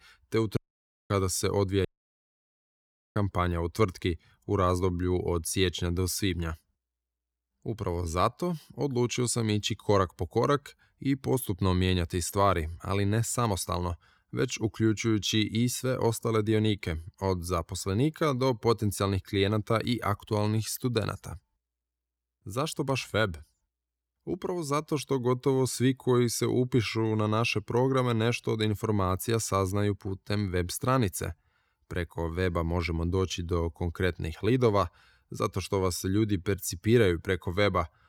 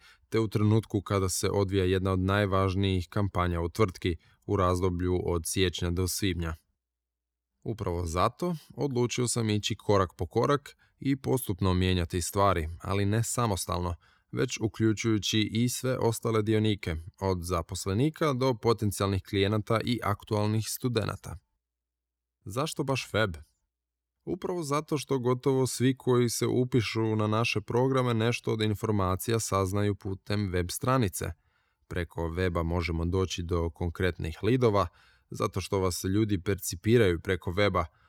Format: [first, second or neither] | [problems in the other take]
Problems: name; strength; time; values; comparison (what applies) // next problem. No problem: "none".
second | audio cutting out; at 0.5 s for 0.5 s and at 2 s for 1.5 s